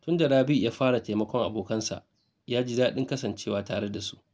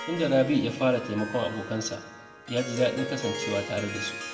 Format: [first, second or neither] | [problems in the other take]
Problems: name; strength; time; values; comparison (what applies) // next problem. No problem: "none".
first | background sound (Harp); 9 dB below the speech // room echo; dies away in 0.8 s